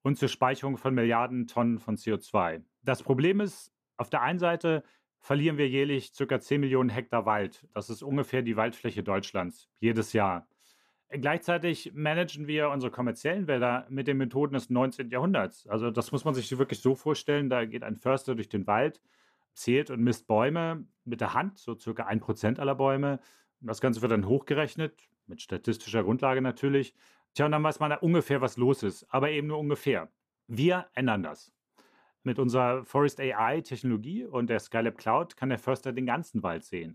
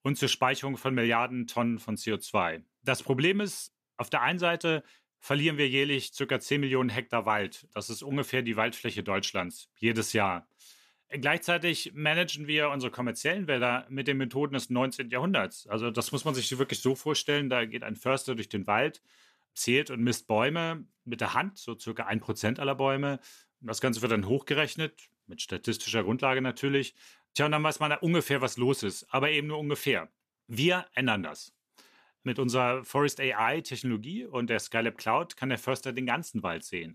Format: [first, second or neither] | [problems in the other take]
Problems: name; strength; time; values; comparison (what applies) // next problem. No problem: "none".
second | muffled; slightly; fading above 1.5 kHz